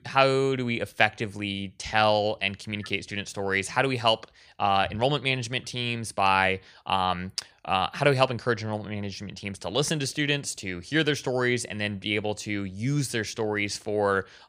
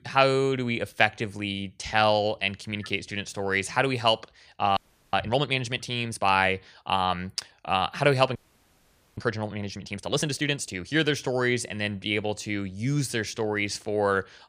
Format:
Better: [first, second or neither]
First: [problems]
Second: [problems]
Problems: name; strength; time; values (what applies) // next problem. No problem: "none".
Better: first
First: none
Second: audio freezing; at 5 s and at 8.5 s for 1 s